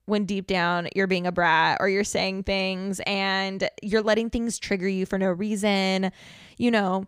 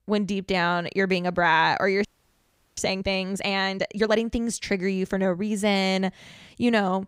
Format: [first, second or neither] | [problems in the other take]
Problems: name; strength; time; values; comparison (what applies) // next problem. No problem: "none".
first | audio freezing; at 2 s for 0.5 s